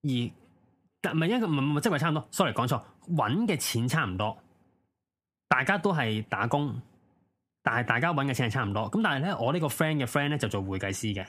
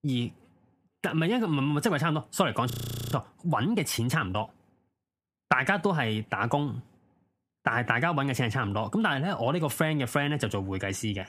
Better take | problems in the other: first | audio freezing; at 2.5 s

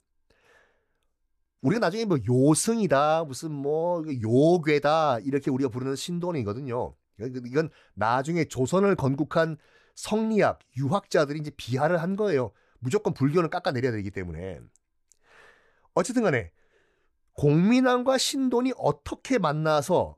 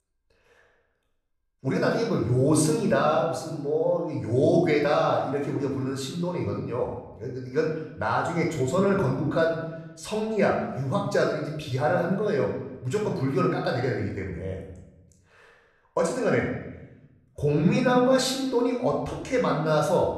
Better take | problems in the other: first | off-mic speech; somewhat distant // room echo; noticeable; dies away in 0.9 s

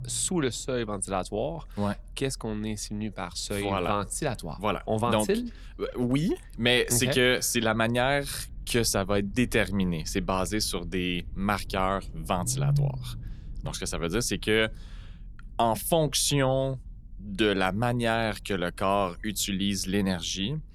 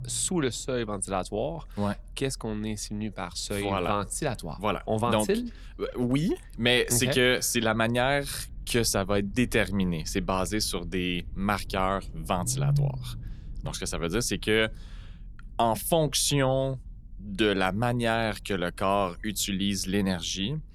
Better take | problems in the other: neither | low rumble; faint; throughout; 20 dB below the speech; the same in both

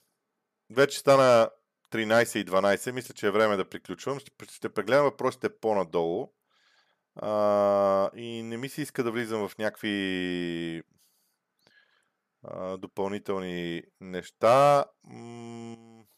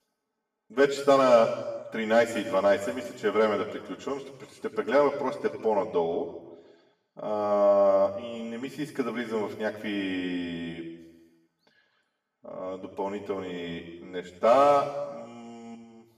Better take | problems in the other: first | room echo; noticeable; dies away in 1.2 s // off-mic speech; far

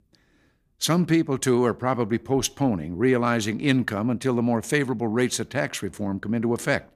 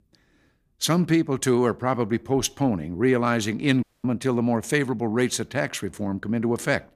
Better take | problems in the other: first | audio cutting out; at 4 s

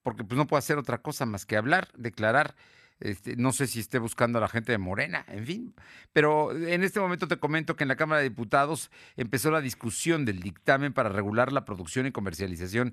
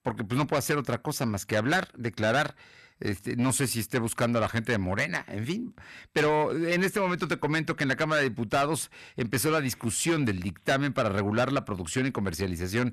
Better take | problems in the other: first | distortion; heavy; 8 dB below the speech

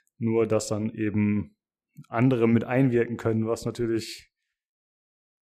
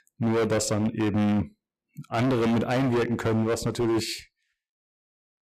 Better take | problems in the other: first | distortion; heavy; 20% of the sound clipped

